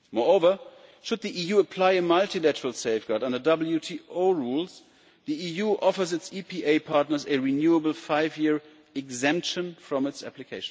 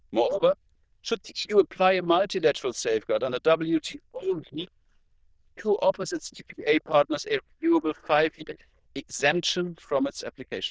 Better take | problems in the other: first | noise reduction (neural diffusion model UNIVERSE++)

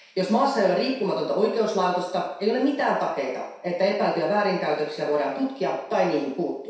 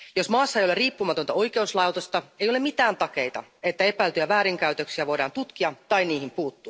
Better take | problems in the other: second | room echo; dies away in 0.7 s

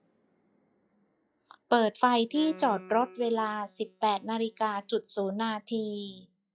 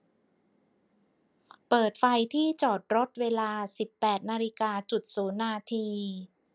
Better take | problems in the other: second | noise reduction (classical method log-MMSE)

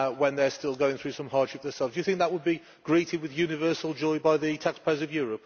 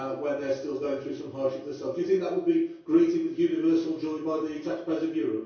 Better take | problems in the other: first | room echo; dies away in 0.6 s

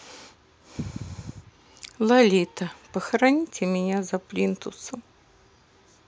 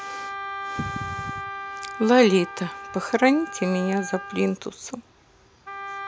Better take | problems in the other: first | background sound (Wind instrument, woodwind instrument); 10 dB below the speech

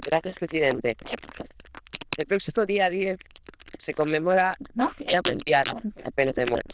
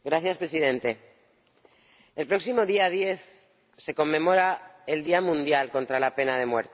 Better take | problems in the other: second | noise reduction (neural diffusion model UNIVERSE++)

